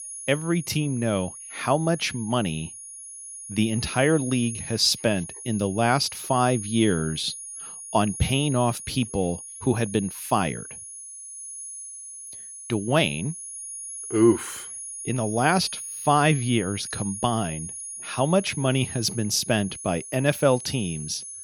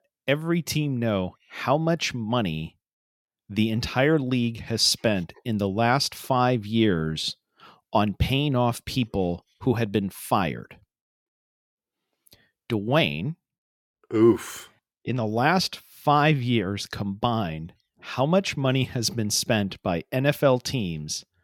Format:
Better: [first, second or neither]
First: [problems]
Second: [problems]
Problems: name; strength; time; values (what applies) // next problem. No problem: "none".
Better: second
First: high-pitched whine; noticeable; throughout; 10.5 kHz, 10 dB below the speech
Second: none